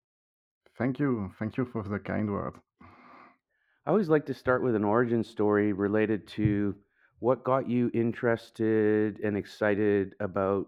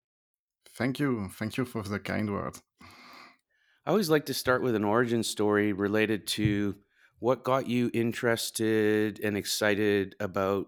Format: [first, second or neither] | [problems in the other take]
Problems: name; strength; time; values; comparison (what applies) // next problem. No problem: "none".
second | muffled; very; fading above 3 kHz